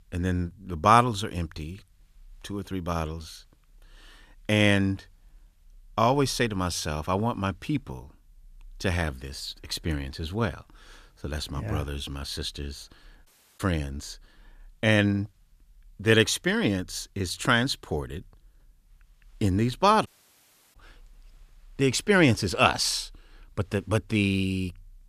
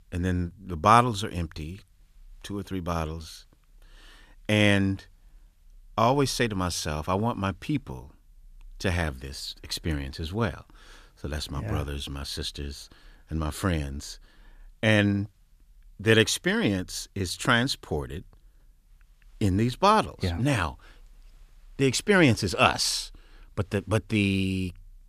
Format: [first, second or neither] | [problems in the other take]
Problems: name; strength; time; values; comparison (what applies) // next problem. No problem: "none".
second | audio cutting out; at 13 s and at 20 s for 0.5 s